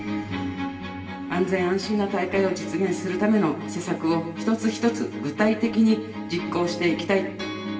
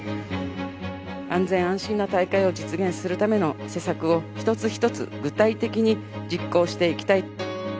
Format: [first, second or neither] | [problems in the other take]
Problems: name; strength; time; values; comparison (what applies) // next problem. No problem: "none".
second | room echo; dies away in 0.9 s